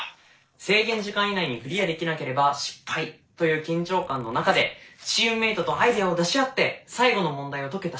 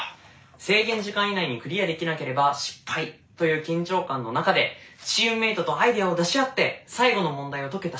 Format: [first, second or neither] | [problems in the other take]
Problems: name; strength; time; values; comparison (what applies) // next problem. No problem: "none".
second | noise reduction (neural separator model SepFormer DNS4)